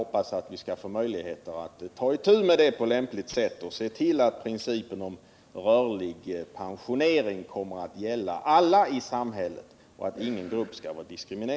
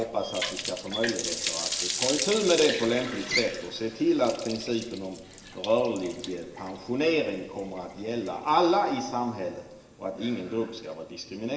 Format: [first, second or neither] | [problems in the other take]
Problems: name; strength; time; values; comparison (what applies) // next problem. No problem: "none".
first | background sound (Water tap, faucet); 8 dB below the speech // room echo; dies away in 1.2 s